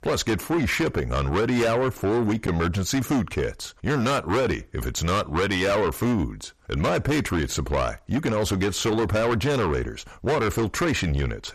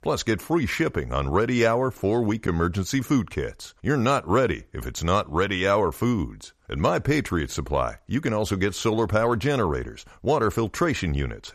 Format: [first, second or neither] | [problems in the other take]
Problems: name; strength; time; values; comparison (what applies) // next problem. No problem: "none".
second | distortion; heavy; 7 dB below the speech